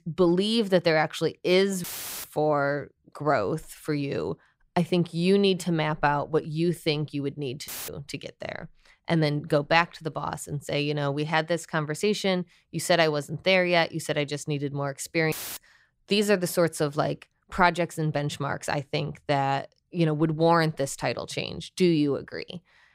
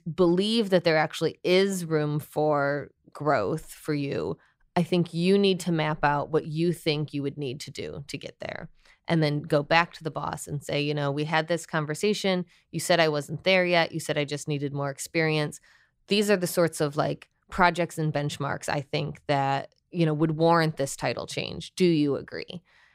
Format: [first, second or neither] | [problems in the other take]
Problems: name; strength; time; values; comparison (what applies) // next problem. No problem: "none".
second | audio cutting out; filled with static; at 2 s, at 7.5 s and at 15 s